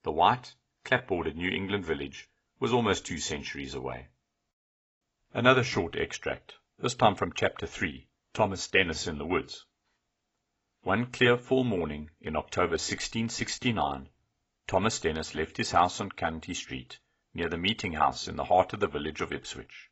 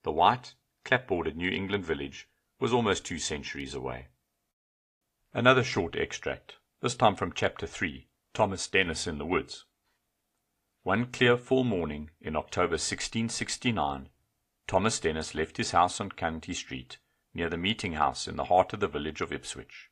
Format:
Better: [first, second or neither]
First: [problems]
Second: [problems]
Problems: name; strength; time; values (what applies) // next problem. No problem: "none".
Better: second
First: garbled, watery; badly; nothing above 7.5 kHz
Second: garbled, watery; slightly; nothing above 14.5 kHz